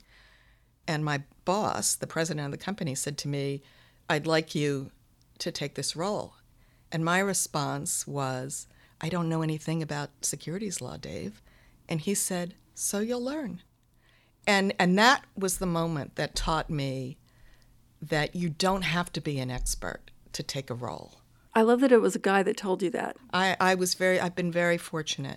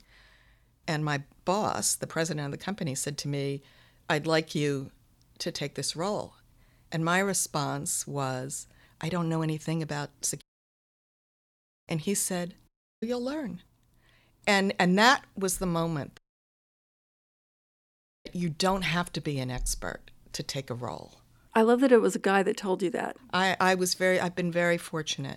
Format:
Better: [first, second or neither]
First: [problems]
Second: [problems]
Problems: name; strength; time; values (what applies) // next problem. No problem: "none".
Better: first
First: none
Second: audio cutting out; at 10 s for 1.5 s, at 13 s and at 16 s for 2 s